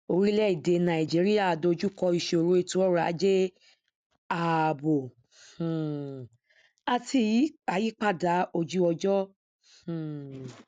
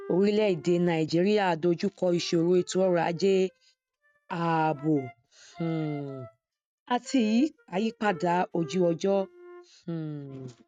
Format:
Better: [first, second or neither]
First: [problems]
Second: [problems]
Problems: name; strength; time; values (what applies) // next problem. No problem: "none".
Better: first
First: none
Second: noise reduction (neural mask model RNNoise)